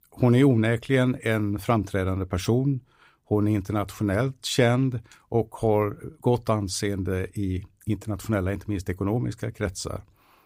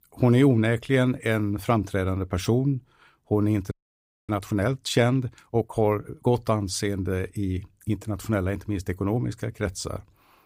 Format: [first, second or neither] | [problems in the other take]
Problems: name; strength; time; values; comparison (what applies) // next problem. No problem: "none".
first | audio freezing; at 3.5 s for 0.5 s